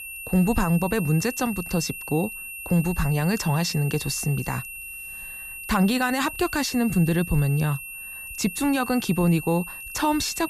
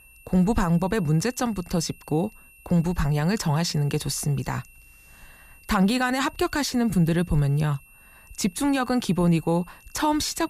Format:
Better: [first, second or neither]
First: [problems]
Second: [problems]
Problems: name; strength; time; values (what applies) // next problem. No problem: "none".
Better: second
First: high-pitched whine; loud; throughout; 2.5 kHz, 10 dB below the speech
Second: high-pitched whine; faint; throughout; 2.5 kHz, 25 dB below the speech